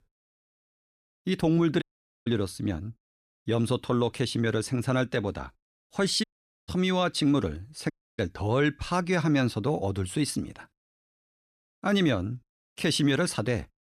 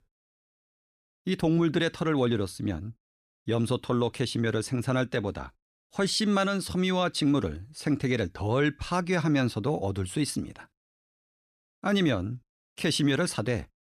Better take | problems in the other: second | audio cutting out; at 2 s, at 6 s and at 8 s

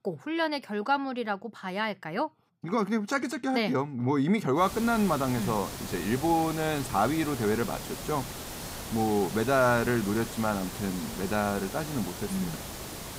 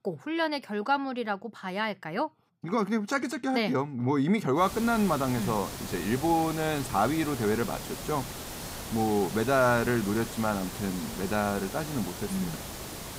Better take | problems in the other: neither | hiss; loud; from 4.5 s on; 9 dB below the speech; the same in both

